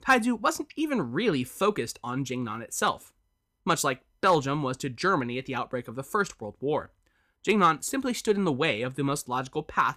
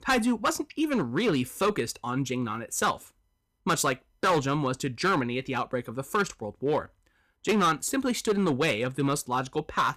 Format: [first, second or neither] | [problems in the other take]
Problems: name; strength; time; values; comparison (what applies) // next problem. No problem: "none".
first | distortion; slight; 5% of the sound clipped